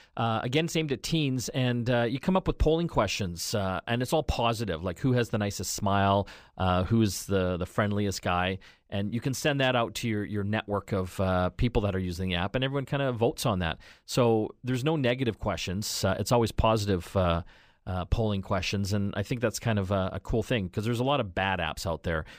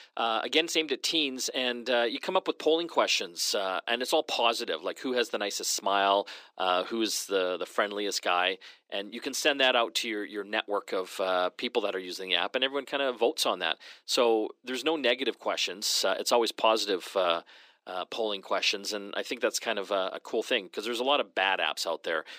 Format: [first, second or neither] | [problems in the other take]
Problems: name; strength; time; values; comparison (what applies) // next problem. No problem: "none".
first | thin; somewhat; fading below 300 Hz